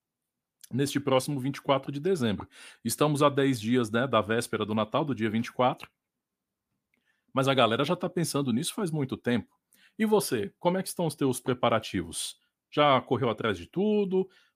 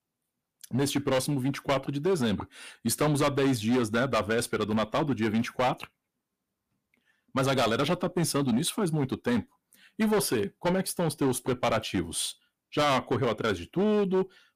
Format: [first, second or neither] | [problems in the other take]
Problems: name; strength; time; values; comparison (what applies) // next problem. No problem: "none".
first | distortion; heavy; 10% of the sound clipped